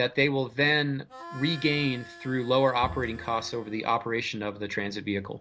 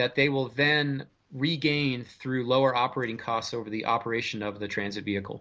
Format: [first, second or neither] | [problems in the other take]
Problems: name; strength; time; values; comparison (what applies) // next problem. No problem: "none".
second | background sound (Harmonica + Bowed string instrument); 16 dB below the speech